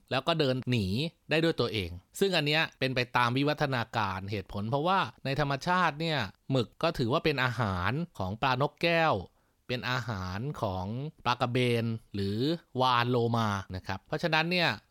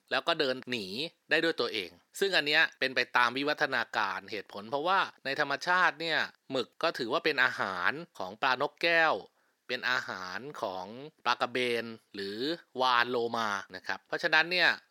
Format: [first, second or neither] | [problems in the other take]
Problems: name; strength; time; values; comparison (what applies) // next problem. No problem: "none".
first | thin; somewhat; fading below 350 Hz